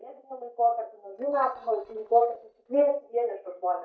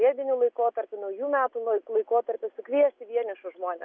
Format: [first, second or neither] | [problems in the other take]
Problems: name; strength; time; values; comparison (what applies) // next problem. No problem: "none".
second | noise reduction (neural mask model DeepFilterNet 3)